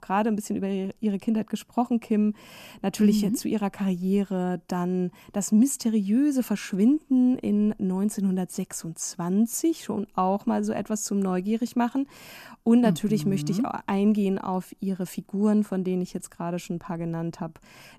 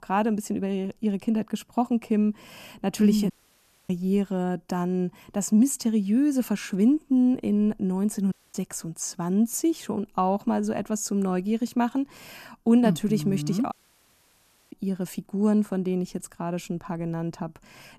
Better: first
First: none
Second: audio cutting out; at 3.5 s for 0.5 s, at 8.5 s and at 14 s for 1 s

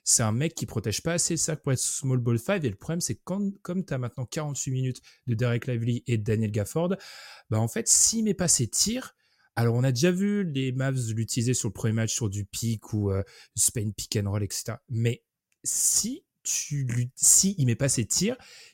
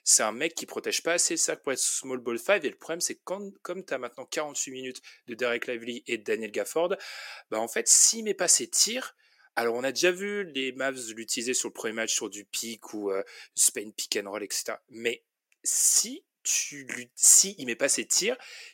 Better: first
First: none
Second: thin; very; fading below 300 Hz

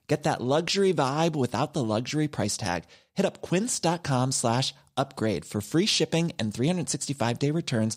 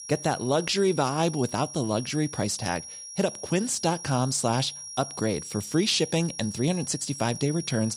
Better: first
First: none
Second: high-pitched whine; noticeable; throughout; 5.5 kHz, 10 dB below the speech

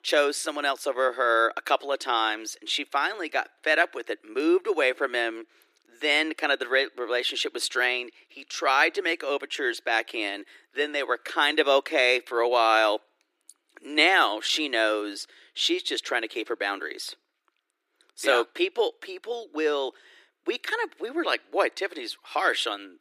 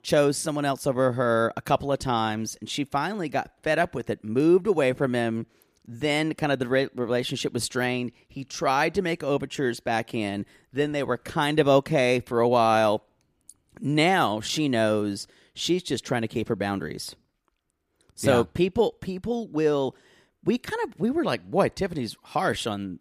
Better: second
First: thin; very; fading below 300 Hz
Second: none

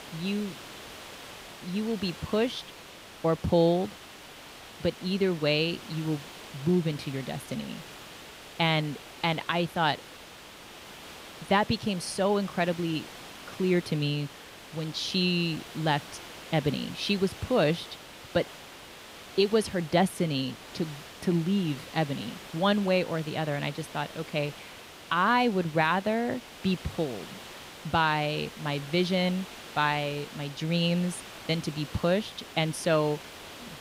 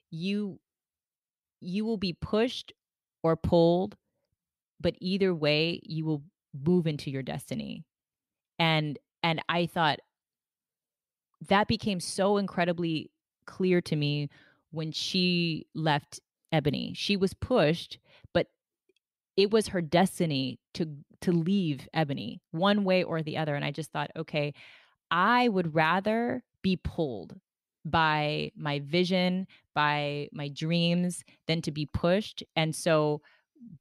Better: second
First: hiss; noticeable; throughout; 15 dB below the speech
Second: none

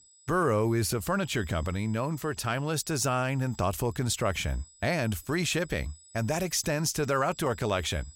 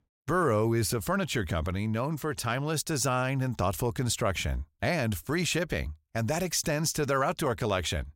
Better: second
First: high-pitched whine; faint; throughout; 7.5 kHz, 25 dB below the speech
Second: none

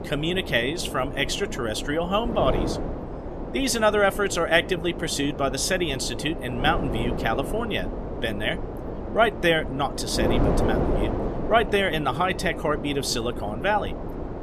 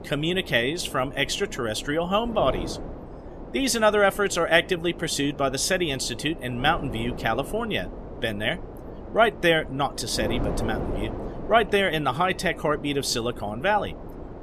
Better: second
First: wind noise on the microphone; heavy; 9 dB below the speech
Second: wind noise on the microphone; occasional gusts; 15 dB below the speech

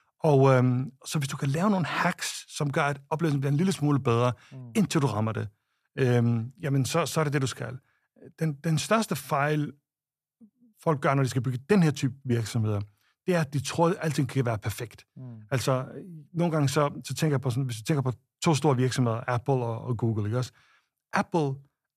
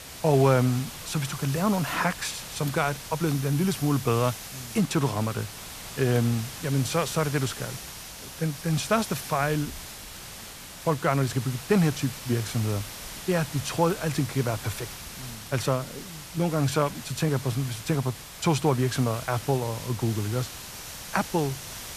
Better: first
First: none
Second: hiss; noticeable; throughout; 10 dB below the speech

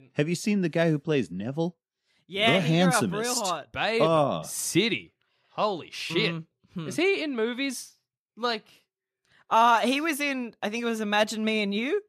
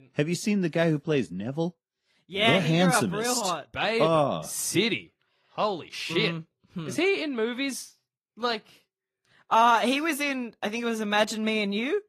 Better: first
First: none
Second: garbled, watery; slightly; nothing above 14.5 kHz

